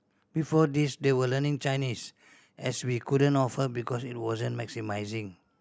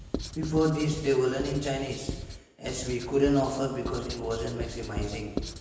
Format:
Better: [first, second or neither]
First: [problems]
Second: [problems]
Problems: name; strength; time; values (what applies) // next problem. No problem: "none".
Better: first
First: none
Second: background sound (Writing); 9 dB below the speech // room echo; dies away in 1 s